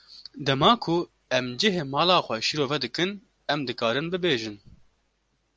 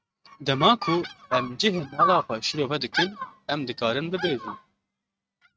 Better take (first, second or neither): first